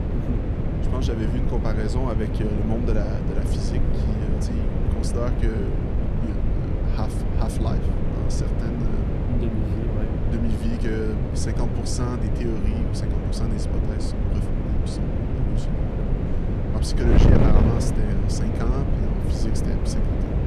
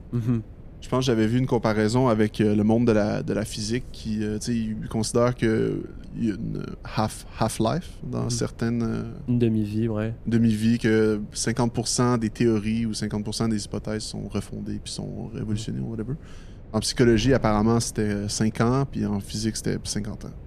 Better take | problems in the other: second | wind noise on the microphone; heavy; 2 dB above the speech; occasional gusts in the second

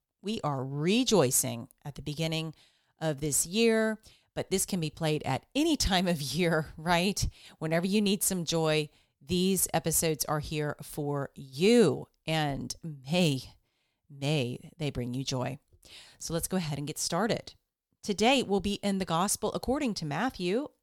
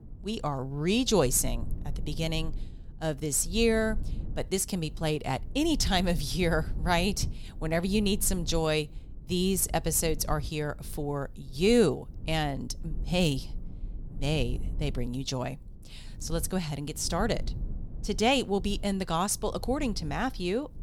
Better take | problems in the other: first | low rumble; faint; throughout; 25 dB below the speech

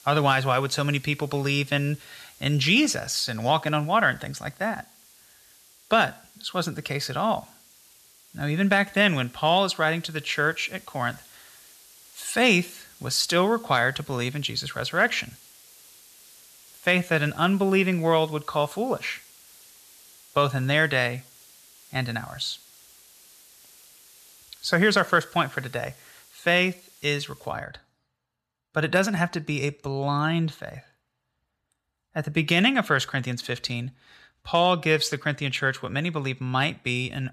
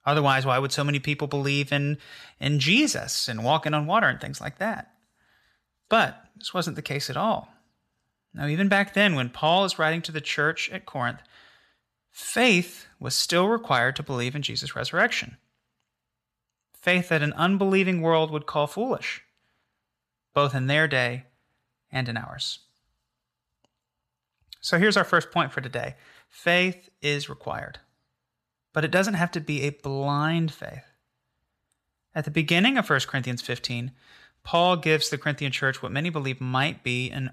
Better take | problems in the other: second | hiss; faint; until 28 s; 25 dB below the speech

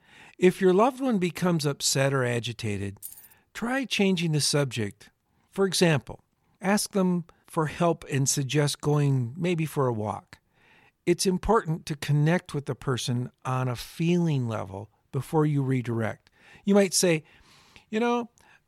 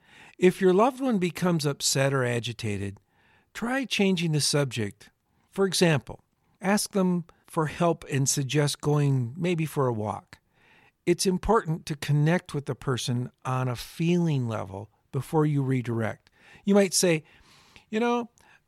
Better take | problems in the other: second | jangling keys; faint; at 3 s; peak 15 dB below the speech

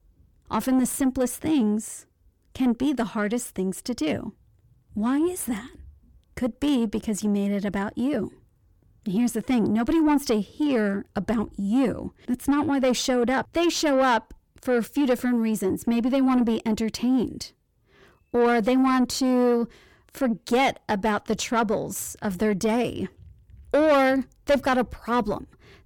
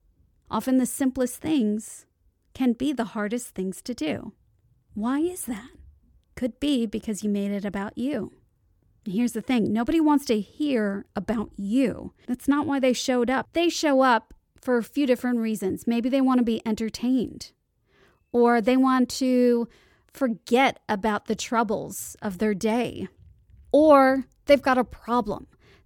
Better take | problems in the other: second | distortion; slight; 9 dB below the speech

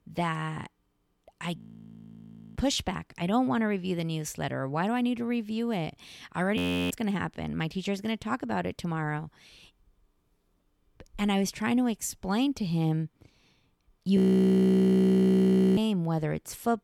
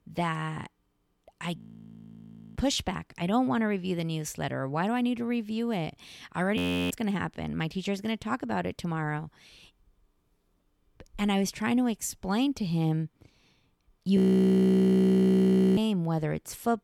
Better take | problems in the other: neither | audio freezing; at 1.5 s for 1 s, at 6.5 s and at 14 s for 1.5 s; the same in both

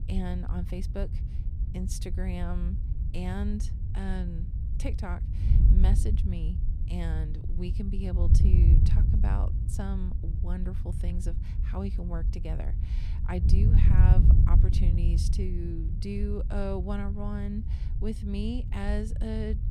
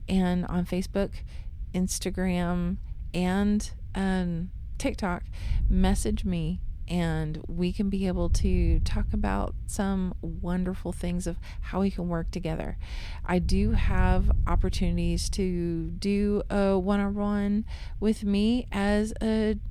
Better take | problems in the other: second | wind noise on the microphone; heavy; 4 dB below the speech; occasional gusts in the second

